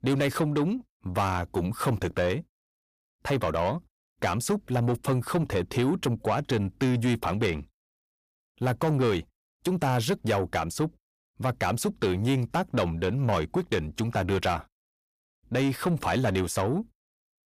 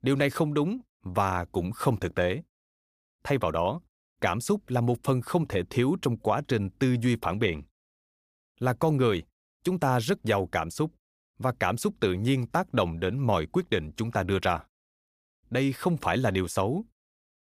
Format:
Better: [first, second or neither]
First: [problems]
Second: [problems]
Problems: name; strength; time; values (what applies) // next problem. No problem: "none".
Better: second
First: distortion; slight; 10 dB below the speech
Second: none